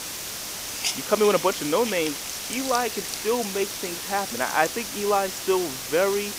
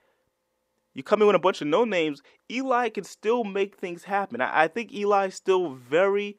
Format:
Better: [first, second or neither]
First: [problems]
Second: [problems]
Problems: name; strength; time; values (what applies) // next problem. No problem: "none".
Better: second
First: hiss; loud; throughout; 4 dB below the speech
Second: none